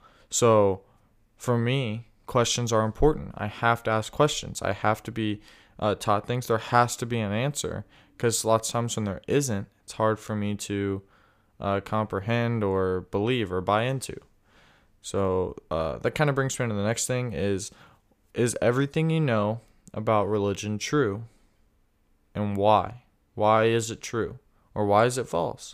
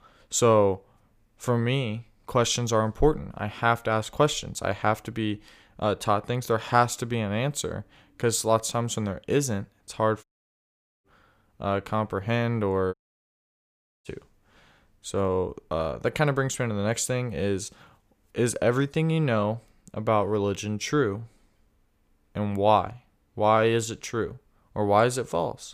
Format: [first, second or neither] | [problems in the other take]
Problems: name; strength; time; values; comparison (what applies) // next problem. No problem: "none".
first | audio cutting out; at 10 s for 1 s and at 13 s for 1 s